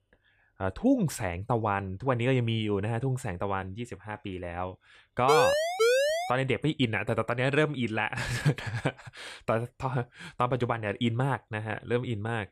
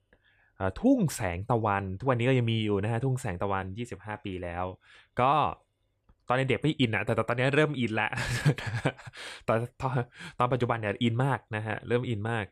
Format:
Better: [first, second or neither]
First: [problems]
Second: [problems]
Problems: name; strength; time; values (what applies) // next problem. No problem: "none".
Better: second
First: siren; loud; from 5.5 to 6.5 s; peak 6 dB above the speech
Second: none